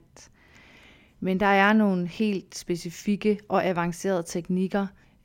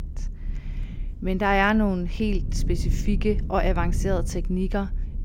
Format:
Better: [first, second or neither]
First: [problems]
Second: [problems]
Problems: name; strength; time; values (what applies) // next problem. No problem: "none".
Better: first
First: none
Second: low rumble; noticeable; throughout; 20 dB below the speech